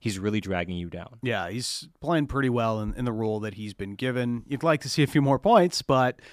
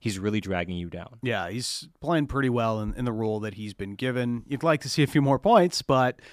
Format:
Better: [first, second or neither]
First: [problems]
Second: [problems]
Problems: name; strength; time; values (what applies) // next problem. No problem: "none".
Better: neither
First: none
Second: none